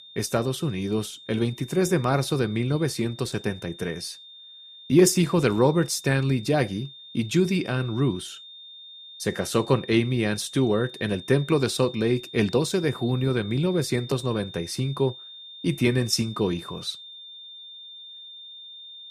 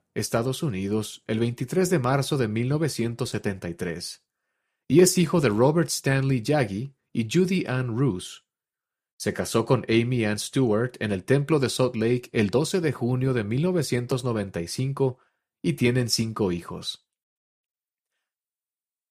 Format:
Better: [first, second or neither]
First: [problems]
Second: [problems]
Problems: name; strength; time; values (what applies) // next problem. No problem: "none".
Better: second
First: high-pitched whine; noticeable; throughout; 3.5 kHz, 15 dB below the speech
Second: none